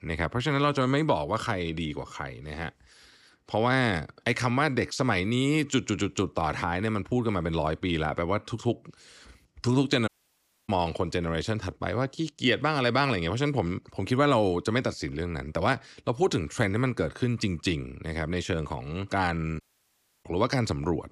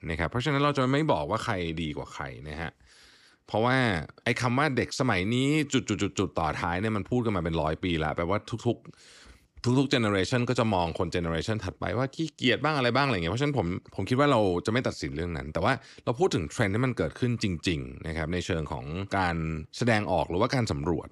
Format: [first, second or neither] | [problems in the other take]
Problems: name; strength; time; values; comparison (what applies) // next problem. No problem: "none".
second | audio cutting out; at 10 s for 0.5 s and at 20 s for 0.5 s